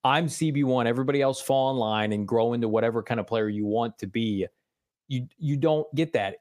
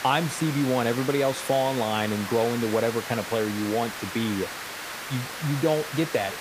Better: first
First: none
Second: hiss; loud; throughout; 7 dB below the speech

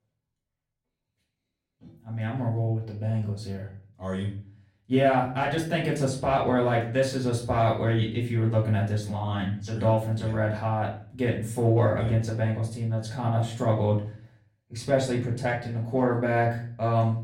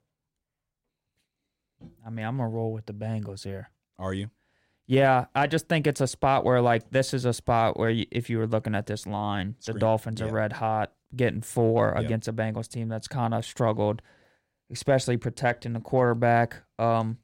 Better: second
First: off-mic speech; far // room echo; slight; dies away in 0.4 s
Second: none

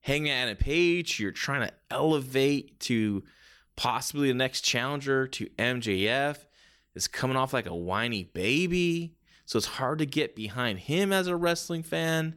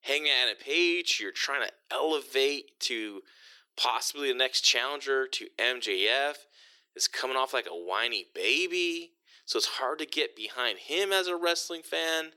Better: first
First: none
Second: thin; very; fading below 350 Hz

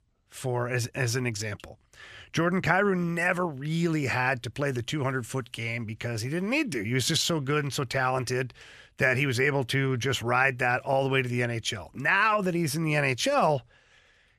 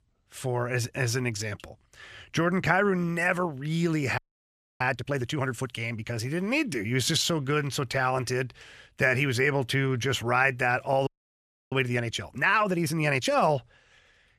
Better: first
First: none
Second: audio freezing; at 4 s for 0.5 s and at 11 s for 0.5 s

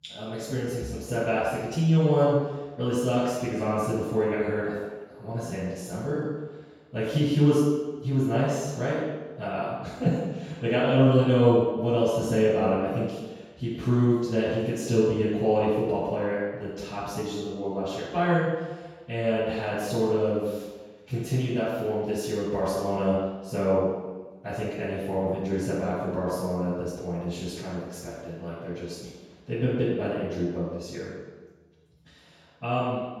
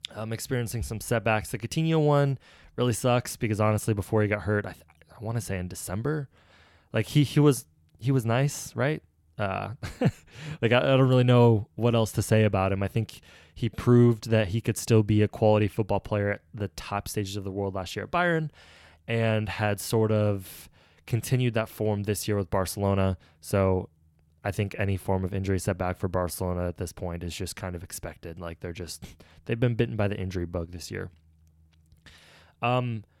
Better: second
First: room echo; strong; dies away in 1.2 s // off-mic speech; far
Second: none

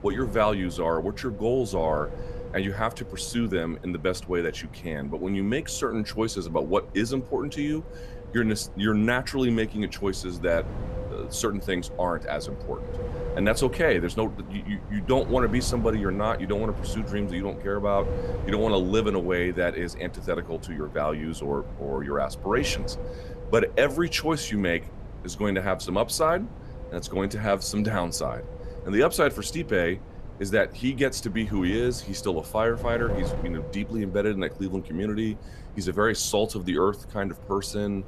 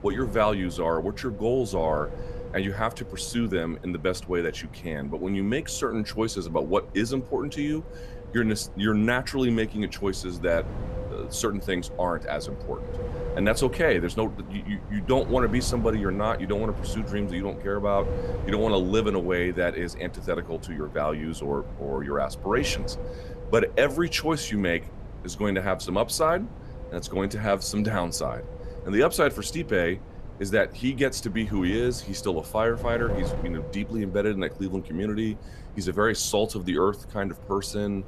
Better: neither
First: wind noise on the microphone; occasional gusts; 15 dB below the speech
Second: wind noise on the microphone; occasional gusts; 15 dB below the speech

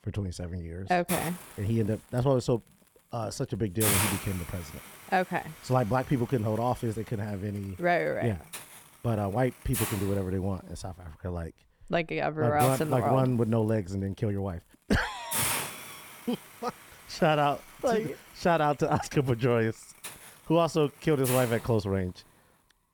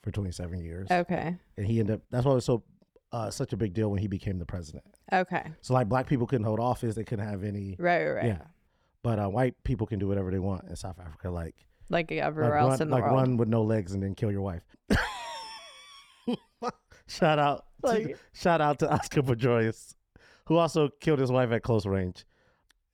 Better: second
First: hiss; loud; throughout; 5 dB below the speech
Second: none

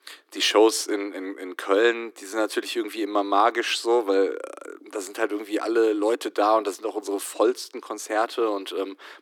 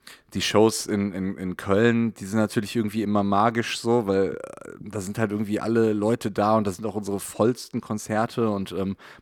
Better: second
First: thin; somewhat; fading below 300 Hz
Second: none

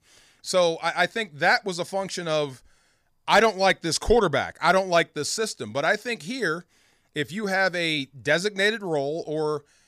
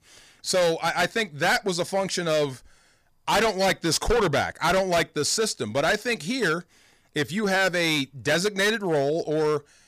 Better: first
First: none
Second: distortion; heavy; 13% of the sound clipped

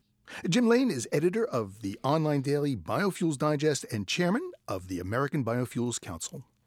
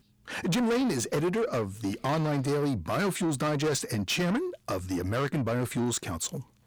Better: first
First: none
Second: distortion; heavy; 7 dB below the speech

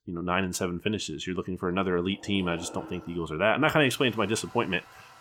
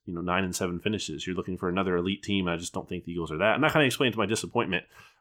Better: second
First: household noises; faint; from 2.5 s on; 20 dB below the speech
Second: none

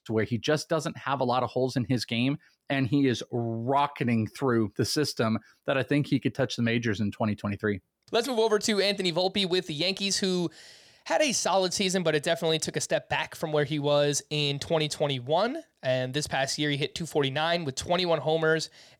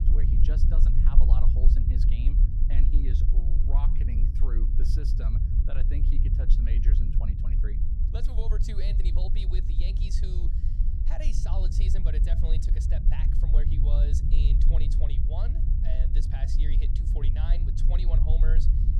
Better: first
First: none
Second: low rumble; loud; throughout; 1 dB below the speech

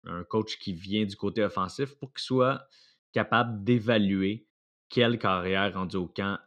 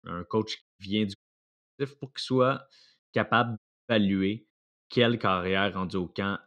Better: first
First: none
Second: audio cutting out; at 0.5 s, at 1 s for 0.5 s and at 3.5 s

